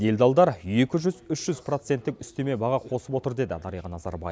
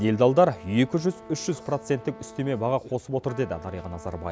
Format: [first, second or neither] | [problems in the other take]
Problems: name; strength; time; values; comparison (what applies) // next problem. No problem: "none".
first | background sound (Trumpet); 19 dB below the speech